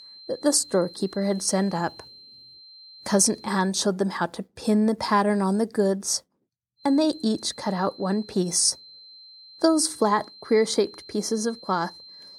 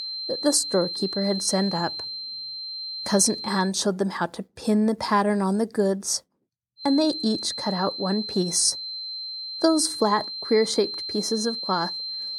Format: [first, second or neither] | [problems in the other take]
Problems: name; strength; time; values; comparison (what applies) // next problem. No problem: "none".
first | high-pitched whine; loud; until 3.5 s and from 7 s on; 4 kHz, 6 dB below the speech; faint in the first